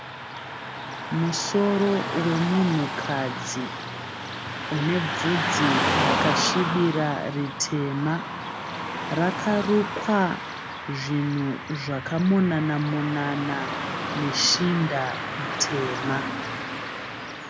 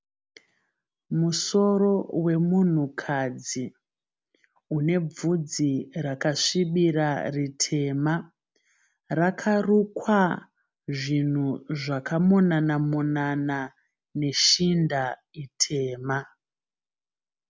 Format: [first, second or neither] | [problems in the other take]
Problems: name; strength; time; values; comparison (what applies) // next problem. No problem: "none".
second | background sound (Car passing by / Traffic noise, roadway noise); 3 dB below the speech